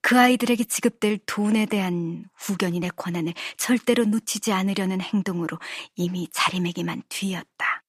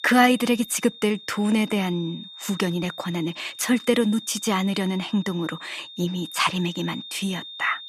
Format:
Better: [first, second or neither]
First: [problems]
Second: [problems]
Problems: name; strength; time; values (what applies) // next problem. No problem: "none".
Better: first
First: none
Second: high-pitched whine; noticeable; throughout; 3.5 kHz, 15 dB below the speech